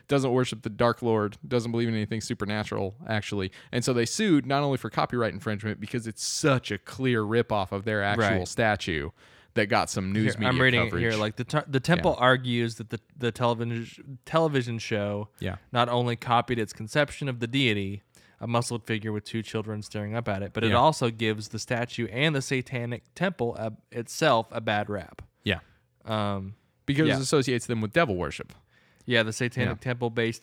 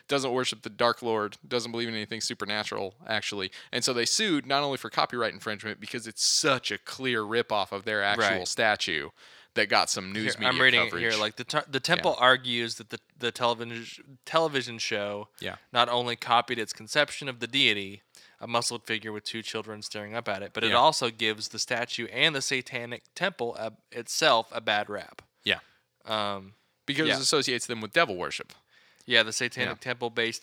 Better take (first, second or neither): first